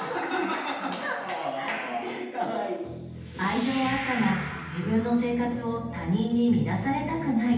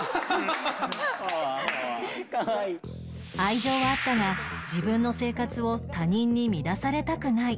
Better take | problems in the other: second | room echo; dies away in 0.9 s

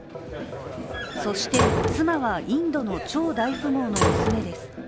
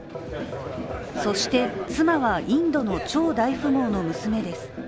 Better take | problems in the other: second | background sound (Slam); 2 dB below the speech

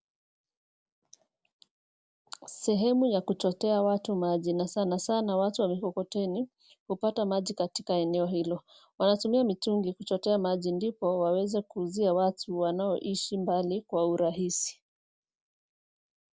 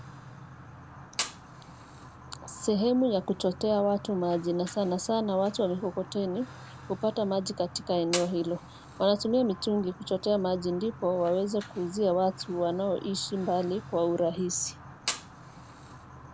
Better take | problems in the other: first | background sound (Fire); 14 dB below the speech

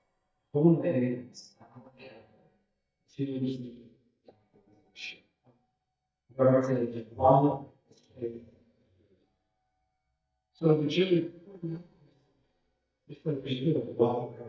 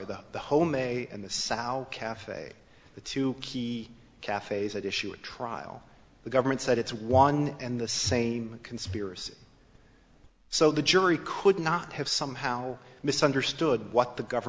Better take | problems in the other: second | noise reduction (neural mask model DeepFilterNet 3)

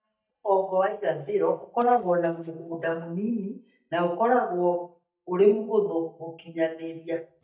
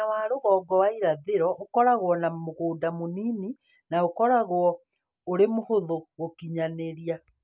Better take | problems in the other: second | noise reduction (neural mask model DeepFilterNet 3)

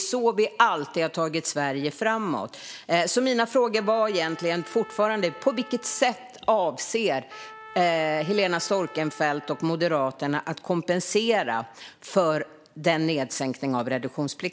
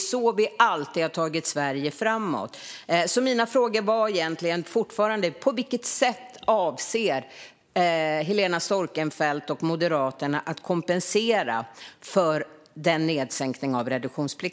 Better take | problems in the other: second | background sound (Trumpet); 19 dB below the speech

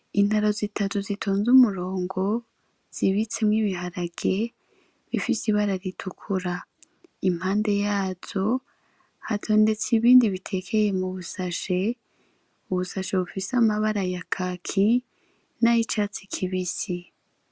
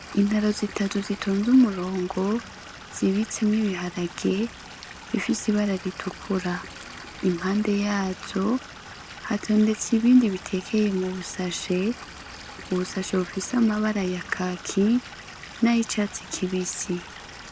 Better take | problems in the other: first | background sound (Stream / Liquid); 16 dB below the speech

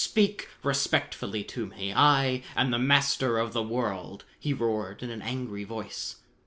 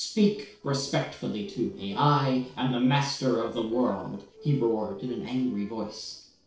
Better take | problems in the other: first | noise reduction (neural separator model SepFormer DNS4)

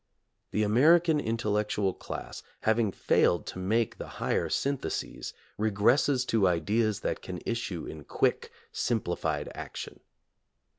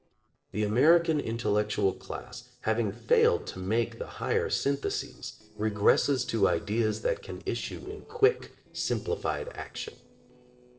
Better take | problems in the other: first | noise reduction (neural separator model SepFormer DNS4)

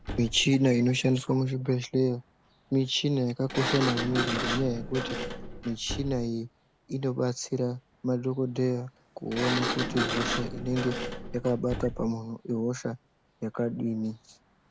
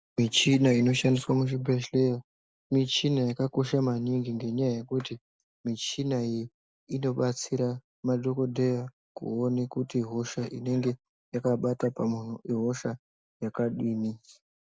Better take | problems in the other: second | background sound (Sliding door); 7 dB below the speech

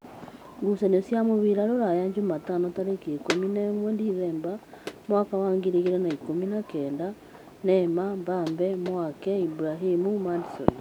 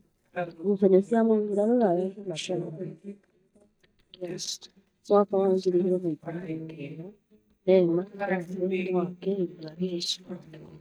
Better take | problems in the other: first | noise reduction (neural mask model DeepFilterNet 3)

